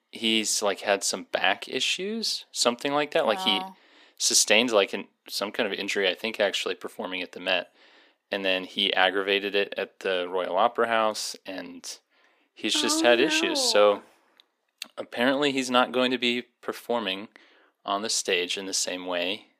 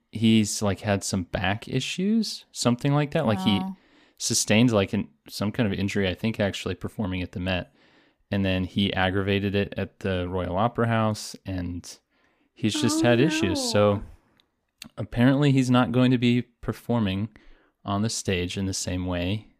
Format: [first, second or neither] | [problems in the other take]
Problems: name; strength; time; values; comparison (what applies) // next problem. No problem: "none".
second | thin; somewhat; fading below 400 Hz